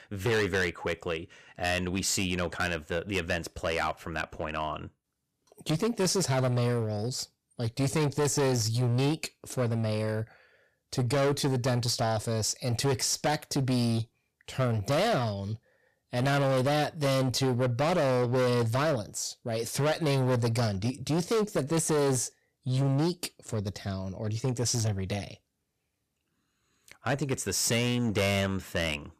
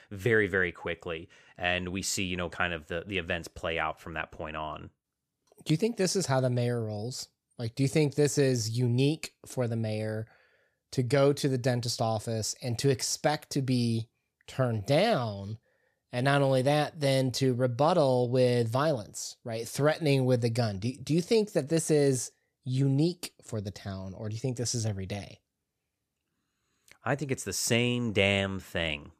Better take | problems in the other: second | distortion; heavy; 14% of the sound clipped

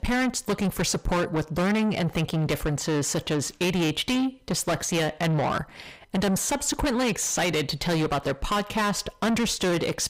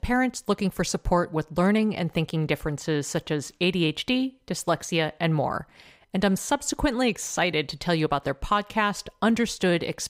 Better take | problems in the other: second | distortion; heavy; 6 dB below the speech

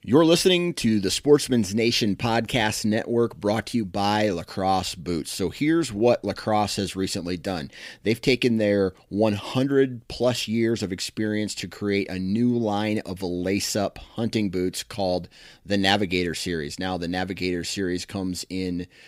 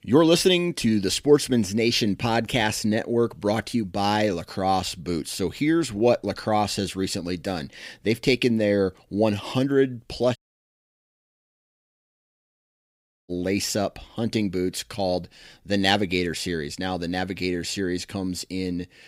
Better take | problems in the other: first | audio cutting out; at 10 s for 3 s

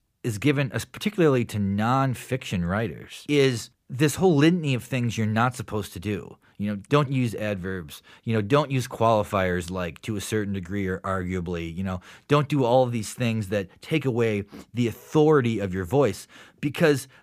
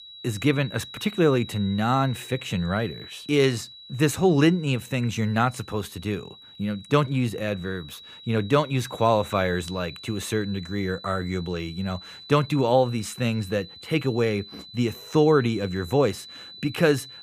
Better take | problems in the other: first | high-pitched whine; noticeable; throughout; 4 kHz, 15 dB below the speech

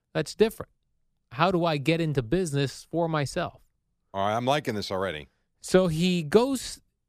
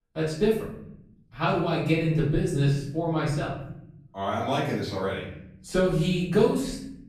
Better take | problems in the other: first | room echo; noticeable; dies away in 1 s // off-mic speech; far

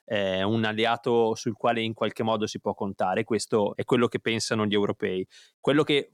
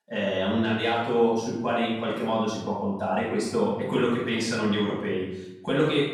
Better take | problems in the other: first | off-mic speech; far // room echo; noticeable; dies away in 0.8 s

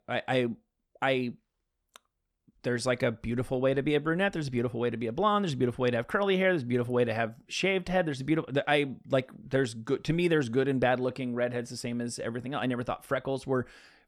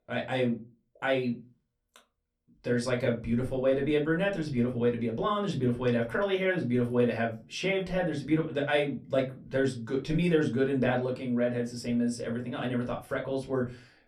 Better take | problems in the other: first | off-mic speech; somewhat distant // room echo; very slight; dies away in 0.2 s

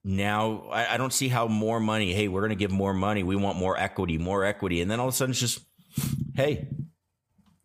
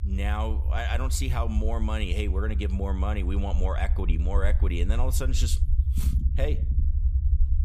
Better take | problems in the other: first | low rumble; noticeable; throughout; 10 dB below the speech

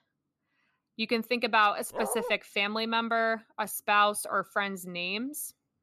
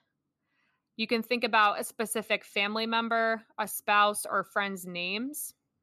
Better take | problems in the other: second | dog barking; noticeable; at 2 s; peak 6 dB below the speech

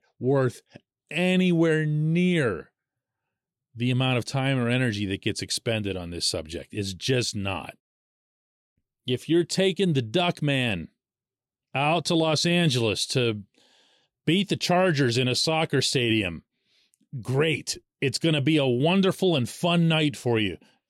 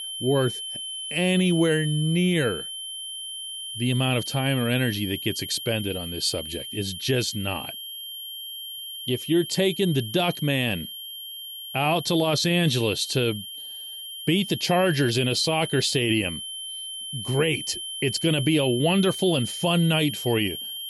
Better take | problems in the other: first | high-pitched whine; loud; throughout; 3 kHz, 8 dB below the speech

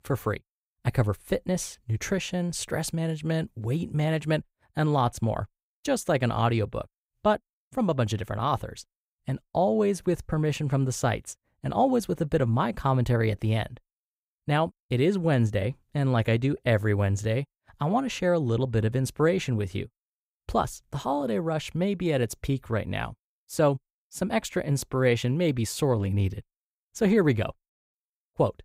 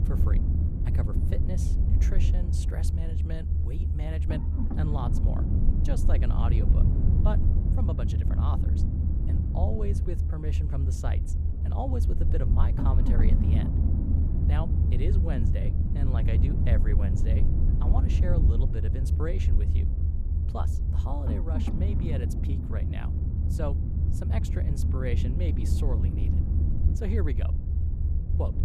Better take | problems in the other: first | low rumble; loud; throughout; 1 dB below the speech

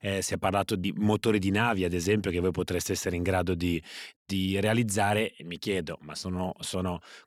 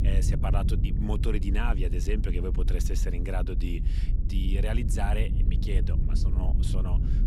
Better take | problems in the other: first | low rumble; loud; throughout; 7 dB below the speech

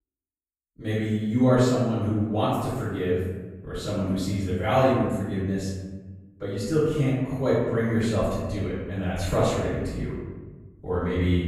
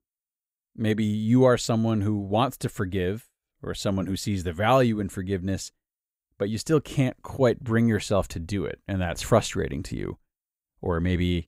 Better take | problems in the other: second | off-mic speech; far // room echo; strong; dies away in 1.2 s

